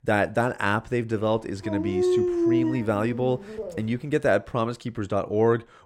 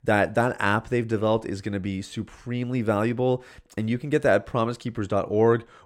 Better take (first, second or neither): second